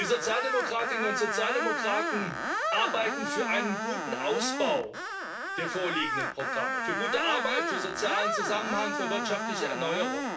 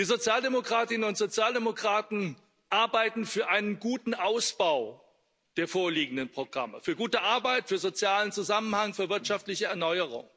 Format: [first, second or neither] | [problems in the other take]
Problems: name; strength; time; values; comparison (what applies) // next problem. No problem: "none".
second | background sound (Screech); as loud as the speech // room echo; dies away in 0.3 s